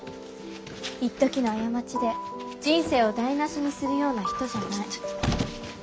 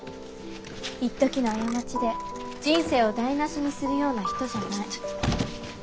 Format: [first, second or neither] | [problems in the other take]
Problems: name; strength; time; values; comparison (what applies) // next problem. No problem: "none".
first | background sound (Coin (dropping)); 16 dB below the speech